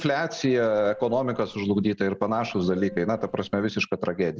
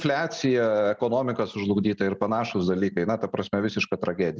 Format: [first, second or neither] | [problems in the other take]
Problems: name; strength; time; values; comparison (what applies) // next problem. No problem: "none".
second | background sound (Subway, metro, underground / Doorbell); 19 dB below the speech